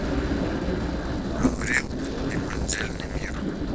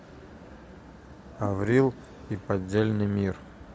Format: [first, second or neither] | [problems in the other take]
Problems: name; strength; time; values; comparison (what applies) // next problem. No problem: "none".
second | noise reduction (neural separator model SepFormer DNS4)